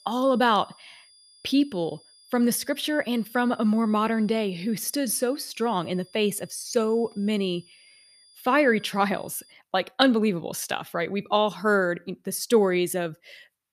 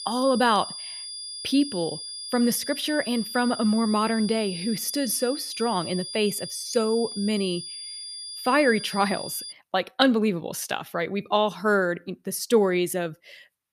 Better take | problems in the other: first | high-pitched whine; loud; until 9.5 s; 5 kHz, 9 dB below the speech; faint in the first

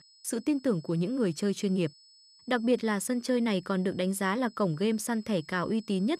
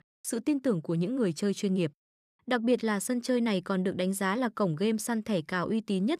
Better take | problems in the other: second | high-pitched whine; faint; throughout; 5 kHz, 25 dB below the speech

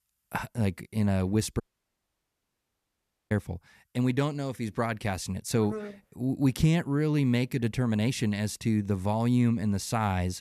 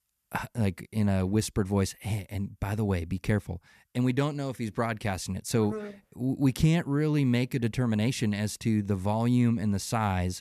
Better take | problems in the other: second | audio cutting out; at 1.5 s for 1.5 s

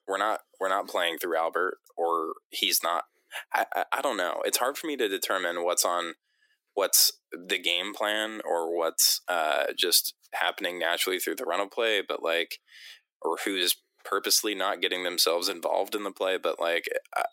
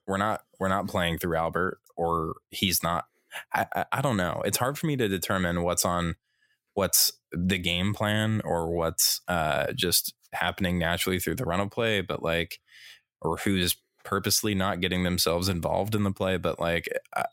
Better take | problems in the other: second | thin; very; fading below 300 Hz

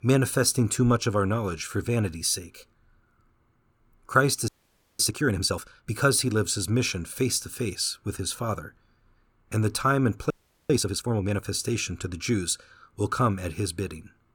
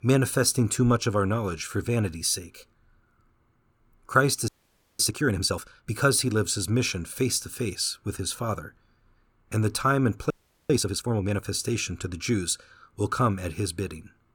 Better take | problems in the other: neither | audio freezing; at 4.5 s for 0.5 s and at 10 s; the same in both

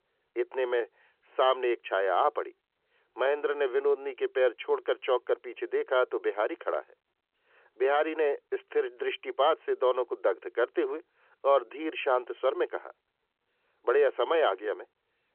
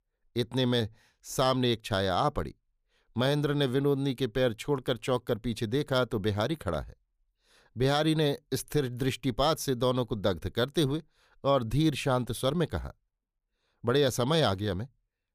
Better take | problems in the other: second | phone-call audio; nothing above 3 kHz

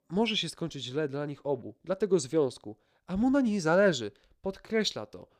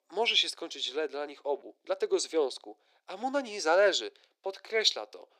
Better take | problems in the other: first | thin; very; fading below 350 Hz

